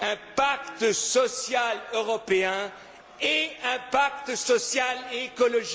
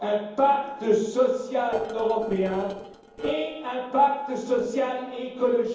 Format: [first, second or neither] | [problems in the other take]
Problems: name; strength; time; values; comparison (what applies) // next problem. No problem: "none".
first | noise reduction (neural separator model SepFormer DNS4)